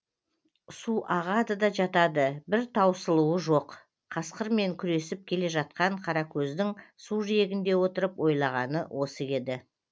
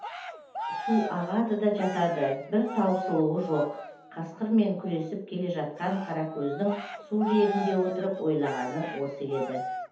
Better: first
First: none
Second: background sound (Cheering); 10 dB below the speech // room echo; dies away in 0.6 s

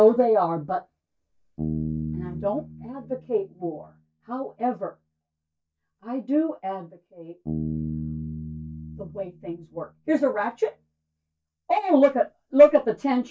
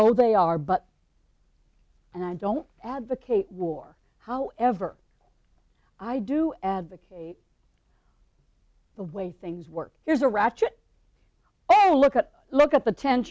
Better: second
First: noise reduction (neural mask model DeepFilterNet 3)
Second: none

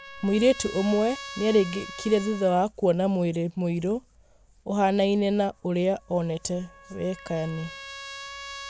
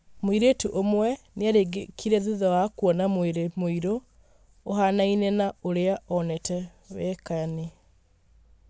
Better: second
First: background sound (Trumpet); 17 dB below the speech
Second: none

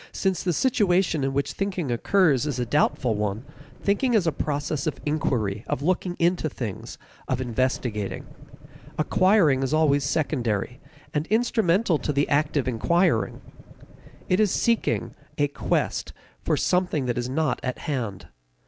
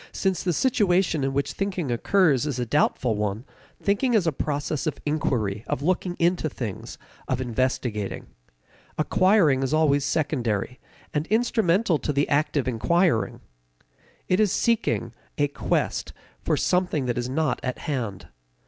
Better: second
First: background sound (Engine starting / Car); 18 dB below the speech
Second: none

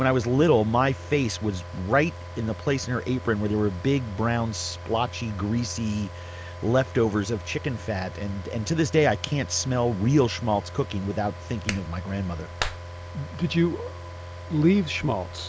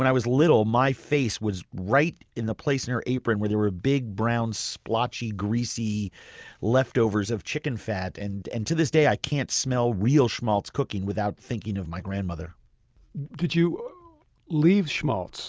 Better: second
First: background sound (Car + Clapping); 12 dB below the speech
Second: none

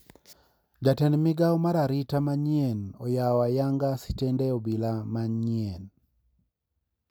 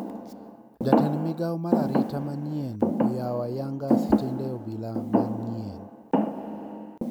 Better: first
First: none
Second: background sound (Thump, thud); 5 dB above the speech

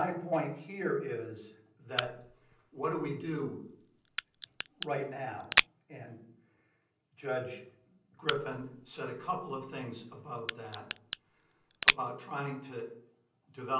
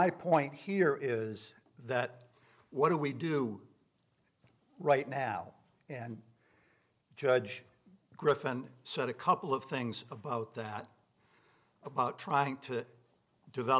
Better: second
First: background sound (Crack); 2 dB above the speech // room echo; dies away in 0.6 s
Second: none

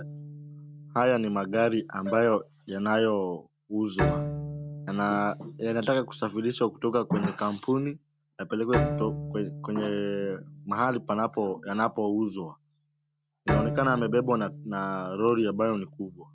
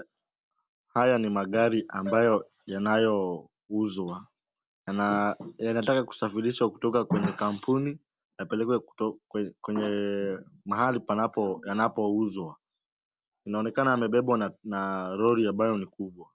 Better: second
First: background sound (Bowed string instrument); 8 dB below the speech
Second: none

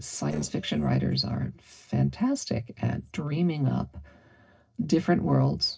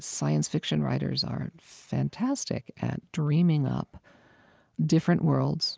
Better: second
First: noise reduction (neural separator model SepFormer DNS4)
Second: none

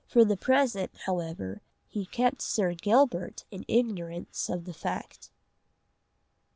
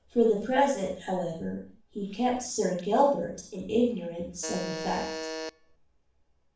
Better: first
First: none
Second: background sound (Alarm); 7 dB below the speech // room echo; dies away in 0.4 s

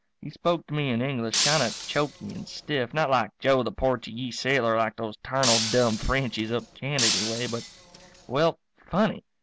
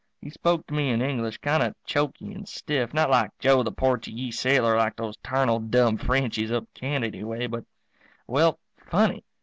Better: second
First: background sound (Shatter); 3 dB below the speech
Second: none

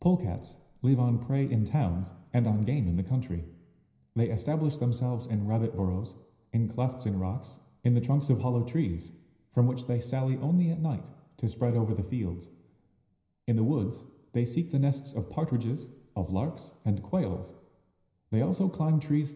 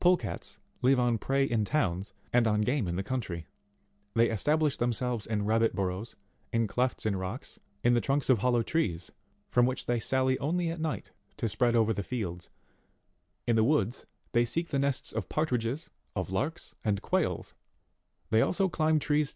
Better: second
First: room echo; dies away in 0.9 s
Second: none

